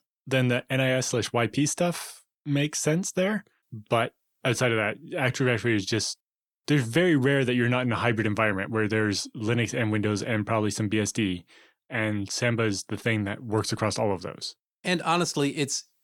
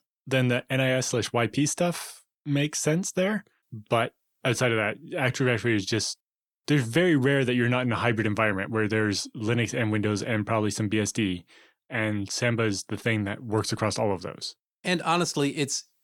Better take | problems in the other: neither | none

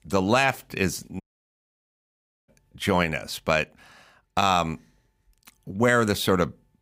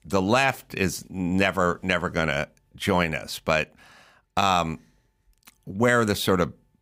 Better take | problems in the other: second | audio cutting out; at 1 s for 1.5 s

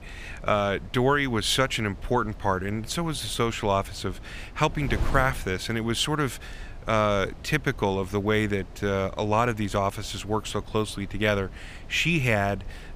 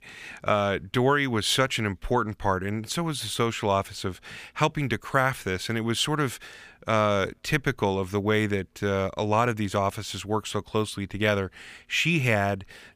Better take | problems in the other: second | wind noise on the microphone; occasional gusts; 20 dB below the speech

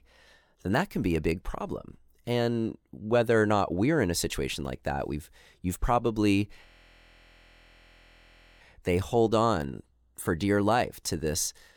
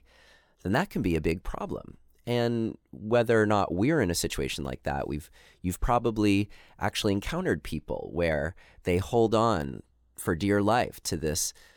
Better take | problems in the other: second | audio freezing; at 6.5 s for 2 s

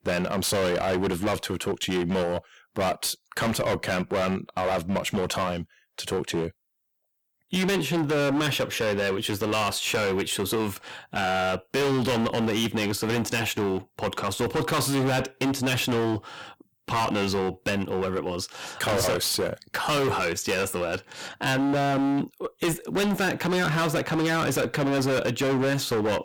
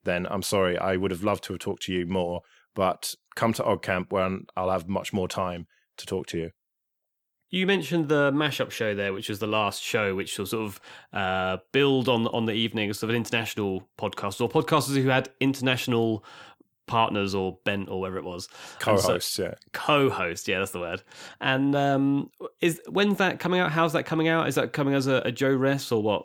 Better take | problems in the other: second | distortion; heavy; 24% of the sound clipped

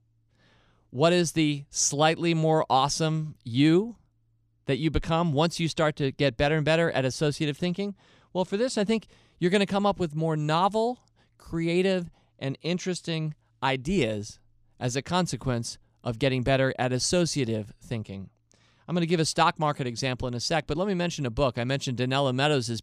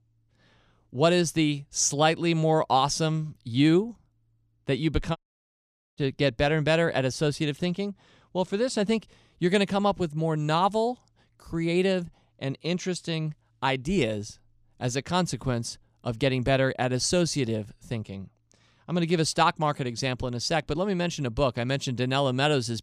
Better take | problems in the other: first | audio cutting out; at 5 s for 1 s

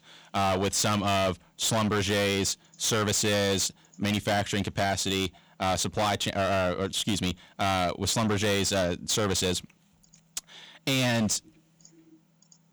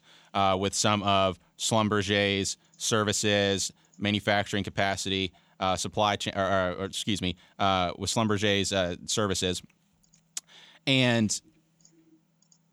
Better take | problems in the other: second | distortion; heavy; 17% of the sound clipped

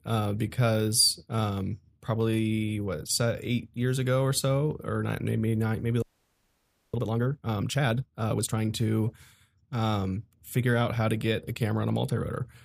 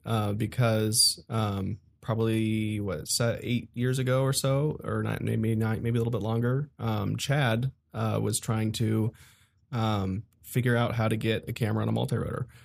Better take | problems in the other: second | audio freezing; at 6 s for 1 s

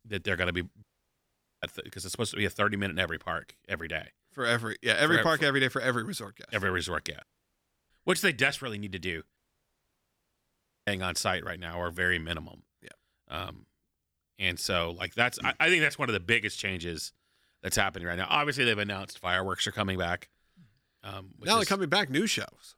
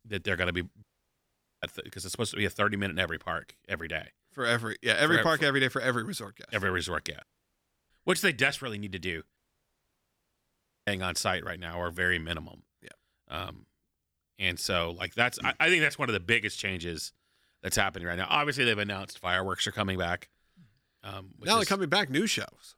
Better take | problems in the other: neither | audio cutting out; at 1 s for 1 s, at 7 s for 0.5 s and at 9.5 s for 1.5 s; the same in both

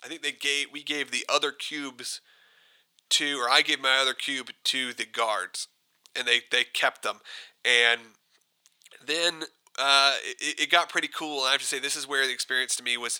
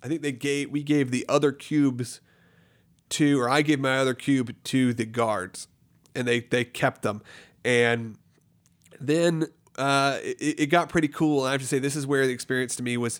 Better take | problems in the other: second | thin; very; fading below 800 Hz

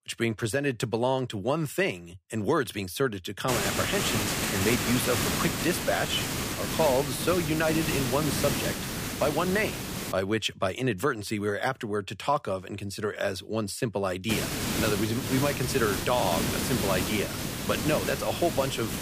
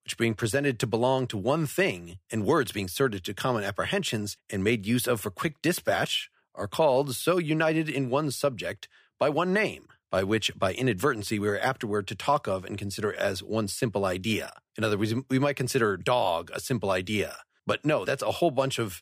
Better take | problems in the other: second | hiss; loud; from 3.5 to 10 s and from 14 s on; 1 dB below the speech

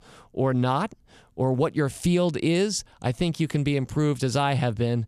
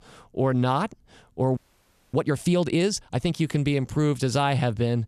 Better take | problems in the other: first | audio freezing; at 1.5 s for 0.5 s

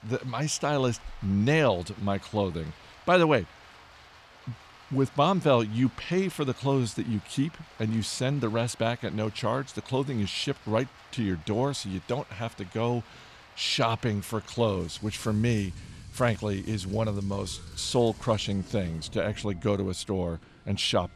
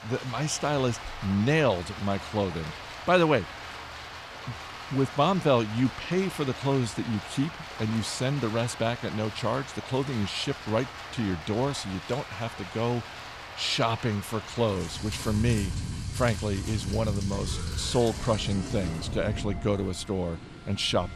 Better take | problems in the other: first | rain or running water; loud; throughout; 9 dB below the speech; faint in the first

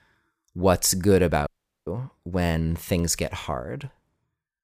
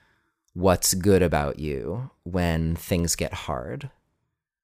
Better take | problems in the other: second | audio cutting out; at 1.5 s

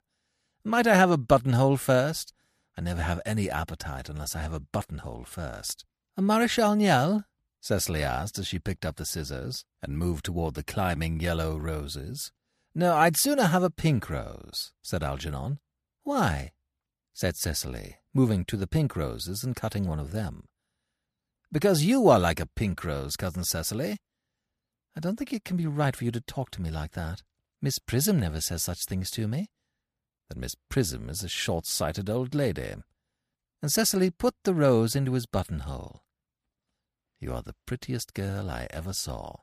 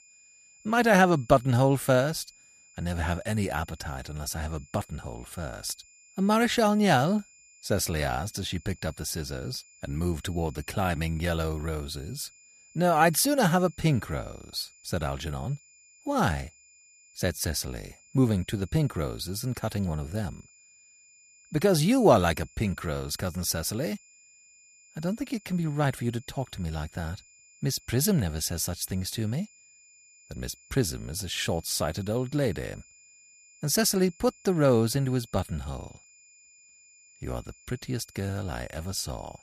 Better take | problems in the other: first | high-pitched whine; faint; throughout; 7 kHz, 25 dB below the speech

